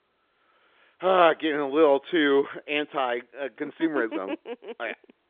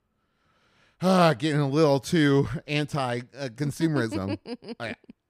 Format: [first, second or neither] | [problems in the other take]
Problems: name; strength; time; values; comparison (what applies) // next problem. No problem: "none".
second | phone-call audio; nothing above 3.5 kHz